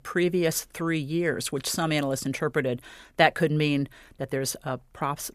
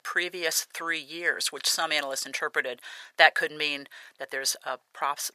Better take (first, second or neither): first